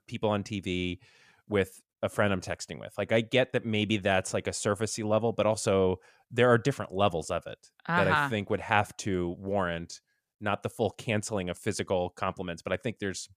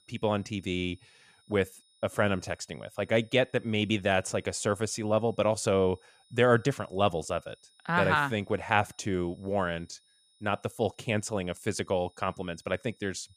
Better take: first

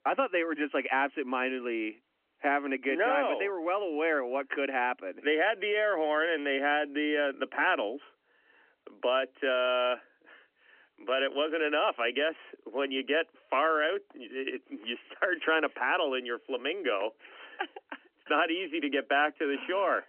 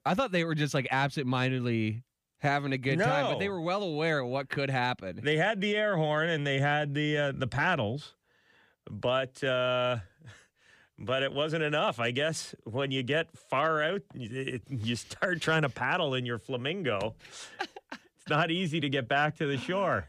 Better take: second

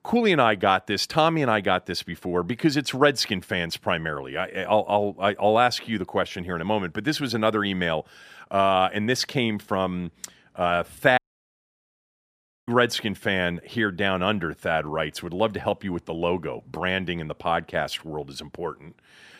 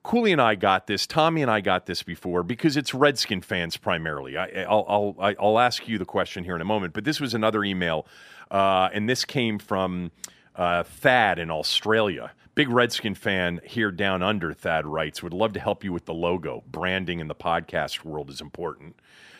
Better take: second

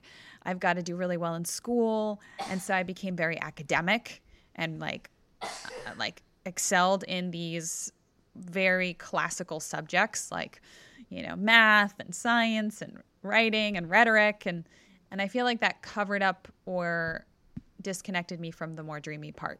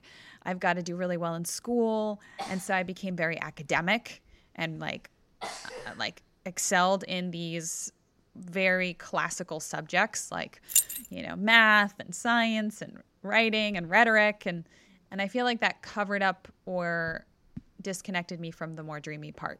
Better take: first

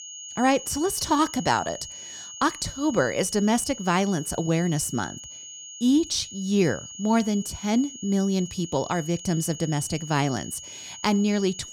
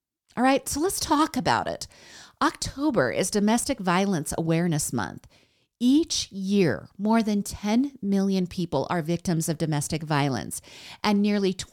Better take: second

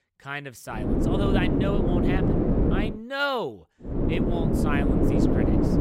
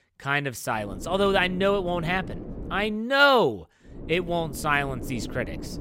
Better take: second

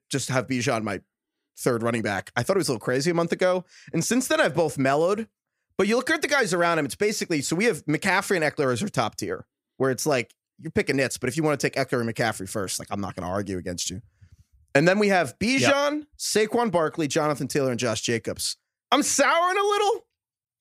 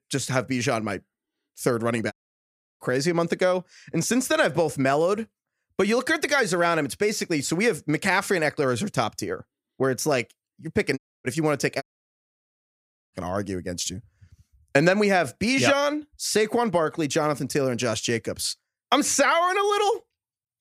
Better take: first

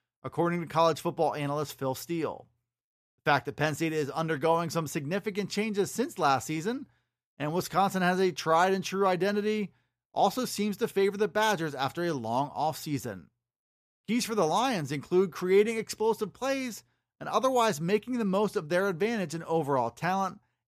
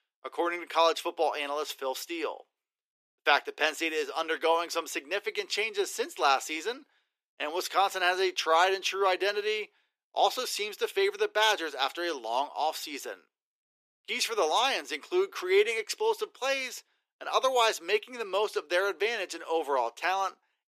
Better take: first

